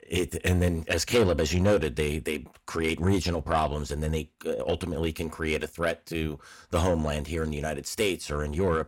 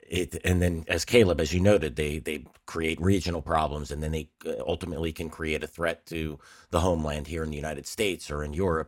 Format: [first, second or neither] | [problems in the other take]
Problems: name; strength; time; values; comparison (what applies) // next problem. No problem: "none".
second | distortion; slight; 10 dB below the speech